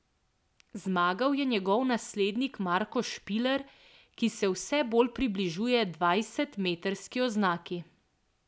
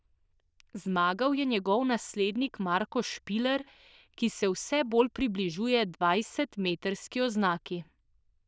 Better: first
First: none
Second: noise reduction (neural diffusion model UNIVERSE++)

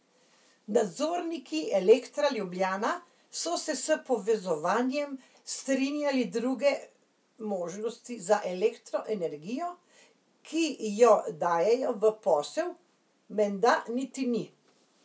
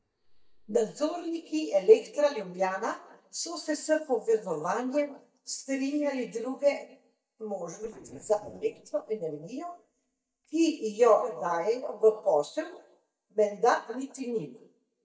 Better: first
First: none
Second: noise reduction (neural mask model DeepFilterNet 3)

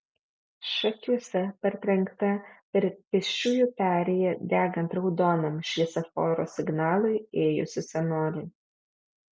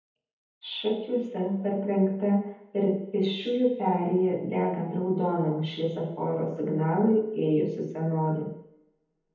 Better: first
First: none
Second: room echo; dies away in 1 s

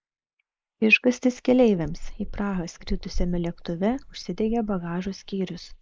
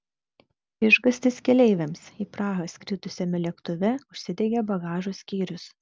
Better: second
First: noise reduction (neural mask model Resemble Enhance denoiser)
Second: none

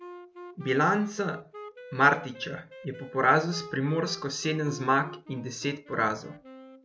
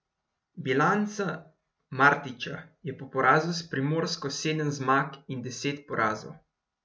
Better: second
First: background sound (Wind instrument, woodwind instrument); 17 dB below the speech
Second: none

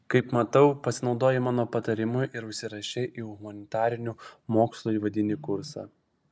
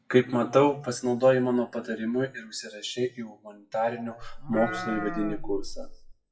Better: first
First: none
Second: noise reduction (classical method WPE with log-MMSE)

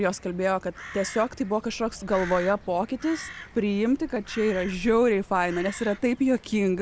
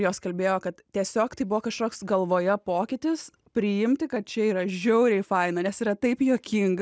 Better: second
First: background sound (Crow); 16 dB below the speech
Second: none

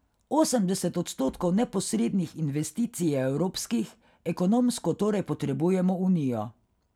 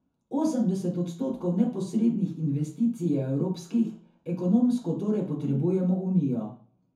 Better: first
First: none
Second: room echo; dies away in 0.6 s

